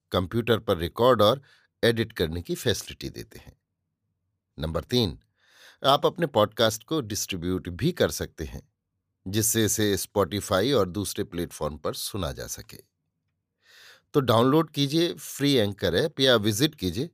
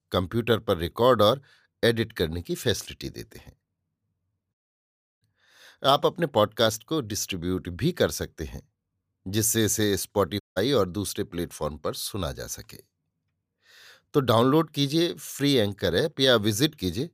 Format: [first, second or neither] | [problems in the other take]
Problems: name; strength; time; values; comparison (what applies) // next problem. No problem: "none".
first | audio cutting out; at 4.5 s for 0.5 s and at 10 s